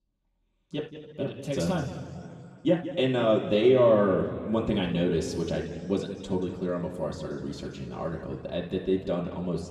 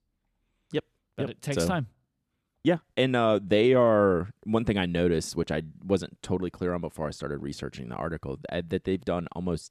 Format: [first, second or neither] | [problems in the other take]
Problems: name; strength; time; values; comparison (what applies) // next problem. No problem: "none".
second | room echo; noticeable; dies away in 2.1 s // off-mic speech; far